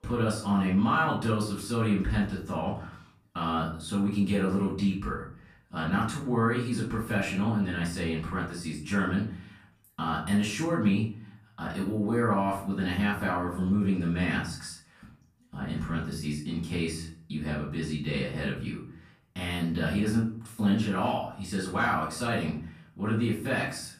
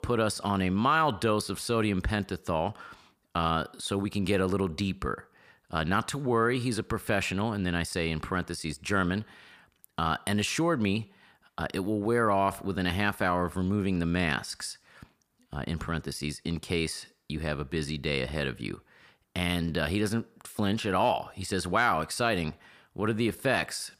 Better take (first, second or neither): second